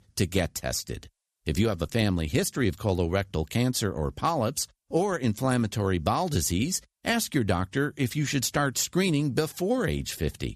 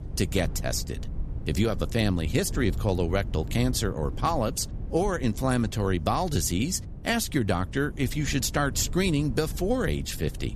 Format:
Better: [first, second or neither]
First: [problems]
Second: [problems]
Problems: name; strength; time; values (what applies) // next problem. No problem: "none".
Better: first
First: none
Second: low rumble; noticeable; throughout; 20 dB below the speech